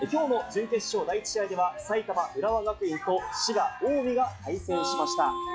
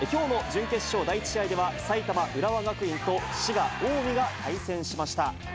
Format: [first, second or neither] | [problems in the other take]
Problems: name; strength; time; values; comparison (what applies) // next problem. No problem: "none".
second | noise reduction (classical method log-MMSE)